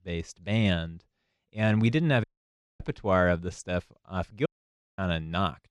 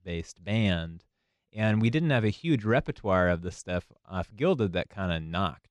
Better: second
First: audio cutting out; at 2 s for 0.5 s and at 4.5 s for 0.5 s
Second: none

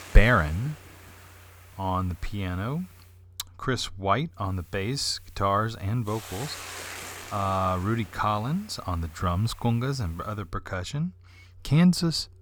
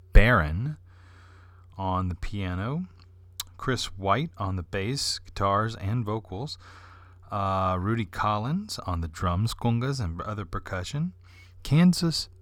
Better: second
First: hiss; noticeable; until 3 s and from 4.5 to 10 s; 15 dB below the speech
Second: none

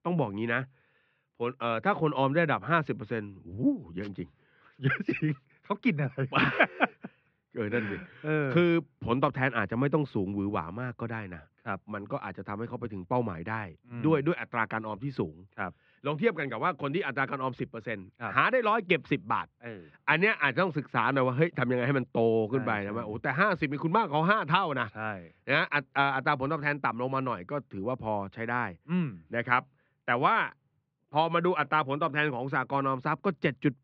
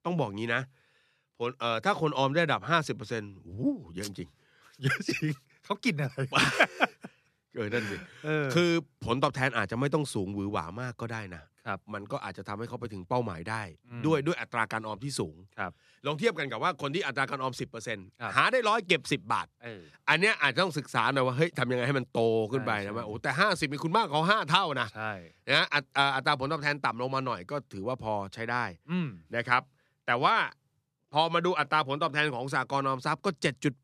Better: second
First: muffled; very; fading above 3 kHz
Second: none

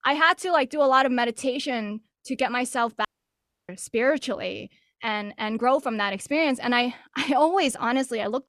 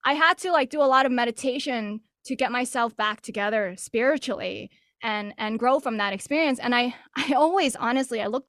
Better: second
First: audio cutting out; at 3 s for 0.5 s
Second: none

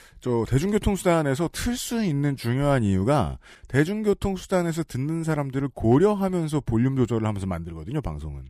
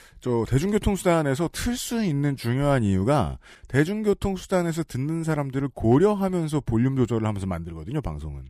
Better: neither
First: none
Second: none

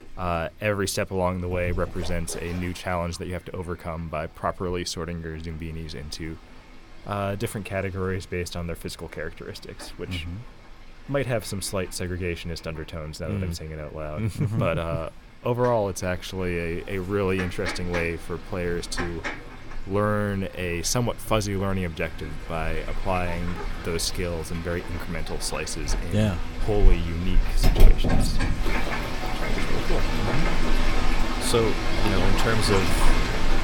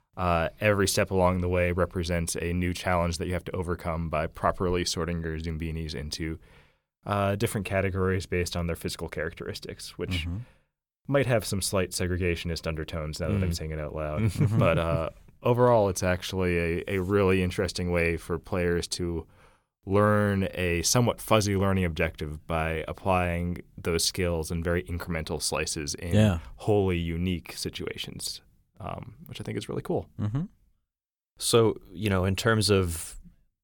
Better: second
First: animal sounds; loud; throughout; 1 dB below the speech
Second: none

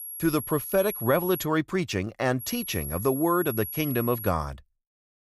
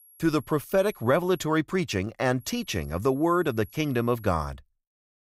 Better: second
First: high-pitched whine; loud; until 1.5 s and from 2.5 to 4.5 s; 11.5 kHz, 8 dB below the speech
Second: high-pitched whine; faint; until 1.5 s and from 2.5 to 4.5 s; 11.5 kHz, 25 dB below the speech

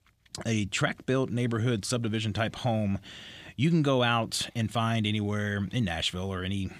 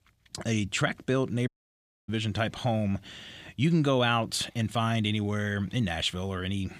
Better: first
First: none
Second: audio cutting out; at 1.5 s for 0.5 s

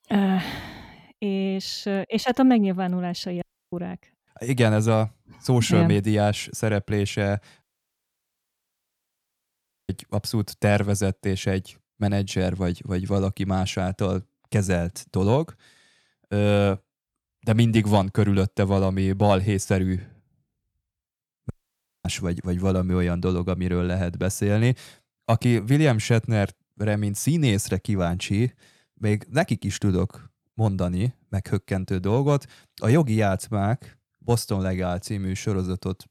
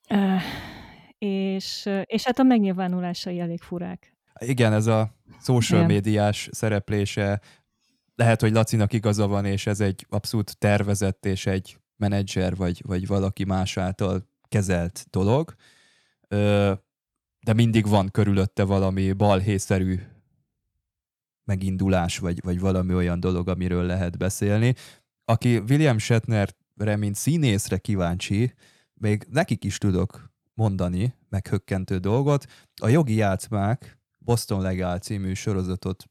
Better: second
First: audio cutting out; at 3.5 s, at 7.5 s for 2.5 s and at 22 s for 0.5 s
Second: none

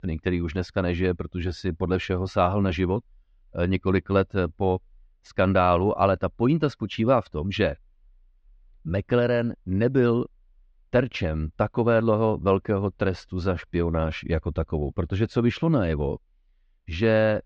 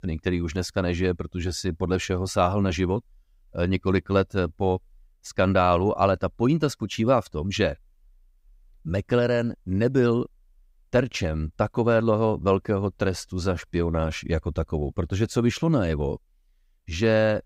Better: second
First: muffled; slightly; fading above 3.5 kHz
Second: none

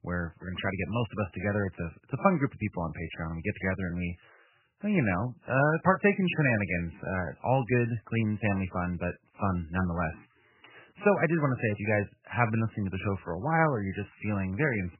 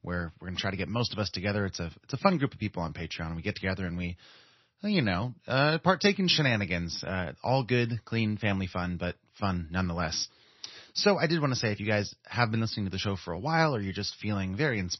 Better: second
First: garbled, watery; badly; nothing above 3 kHz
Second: garbled, watery; slightly; nothing above 6 kHz

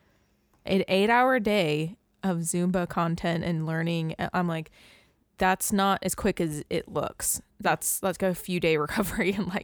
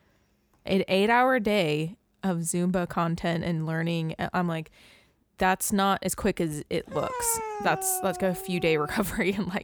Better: first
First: none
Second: dog barking; noticeable; from 7 to 9 s; peak 6 dB below the speech

